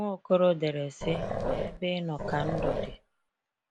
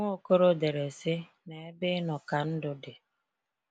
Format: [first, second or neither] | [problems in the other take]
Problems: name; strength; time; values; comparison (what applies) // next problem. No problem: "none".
second | background sound (Growling); 2 dB below the speech